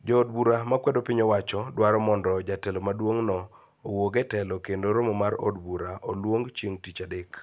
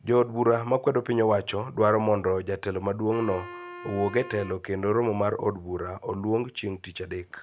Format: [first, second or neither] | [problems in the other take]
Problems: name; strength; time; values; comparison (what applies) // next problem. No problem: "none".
first | background sound (Wind instrument, woodwind instrument); 17 dB below the speech